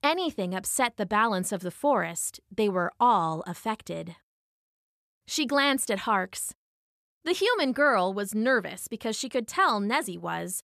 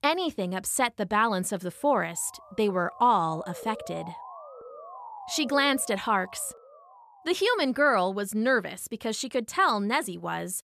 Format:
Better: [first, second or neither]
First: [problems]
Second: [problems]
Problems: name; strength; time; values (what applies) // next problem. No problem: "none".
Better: first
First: none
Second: siren; faint; from 2 to 7.5 s; peak 15 dB below the speech